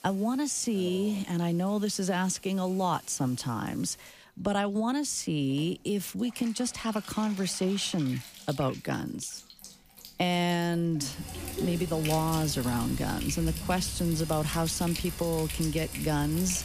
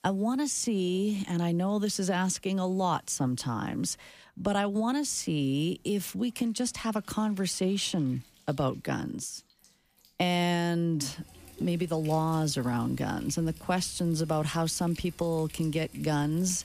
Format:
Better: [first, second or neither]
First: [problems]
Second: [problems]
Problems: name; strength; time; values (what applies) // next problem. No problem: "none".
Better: second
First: household noises; loud; throughout; 10 dB below the speech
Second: household noises; faint; throughout; 25 dB below the speech